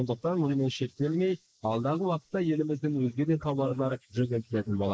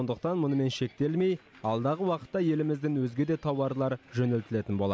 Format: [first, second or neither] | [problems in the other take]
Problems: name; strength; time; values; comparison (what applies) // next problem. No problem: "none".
second | noise reduction (neural mask model Resemble Enhance denoiser)